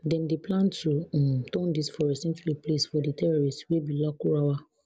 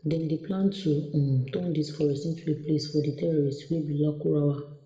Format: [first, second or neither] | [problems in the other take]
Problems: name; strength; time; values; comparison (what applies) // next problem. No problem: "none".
first | room echo; dies away in 0.7 s